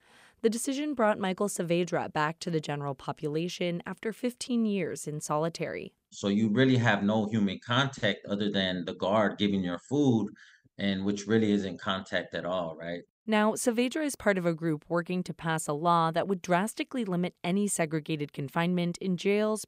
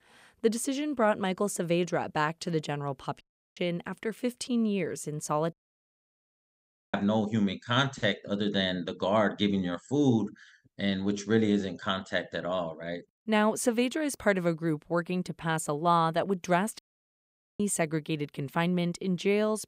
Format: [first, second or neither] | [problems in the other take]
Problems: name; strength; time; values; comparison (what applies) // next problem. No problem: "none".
first | audio cutting out; at 3 s, at 5.5 s for 1.5 s and at 17 s for 1 s